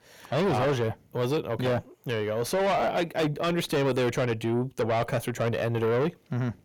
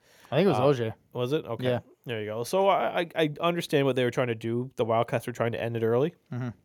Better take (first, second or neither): second